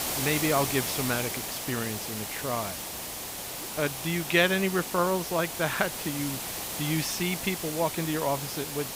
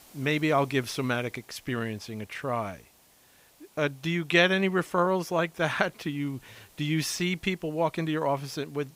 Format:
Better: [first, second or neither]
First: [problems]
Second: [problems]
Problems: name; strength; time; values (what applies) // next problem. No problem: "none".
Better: second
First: hiss; loud; throughout; 3 dB below the speech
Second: hiss; faint; throughout; 30 dB below the speech